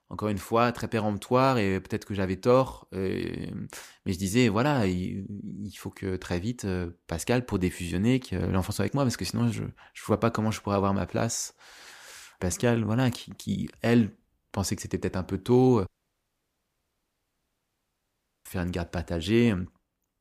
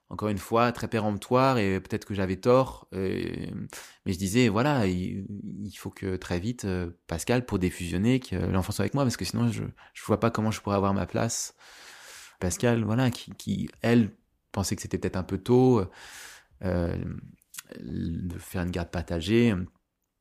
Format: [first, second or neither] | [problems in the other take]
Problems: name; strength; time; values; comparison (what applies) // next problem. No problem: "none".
second | audio cutting out; at 16 s for 2.5 s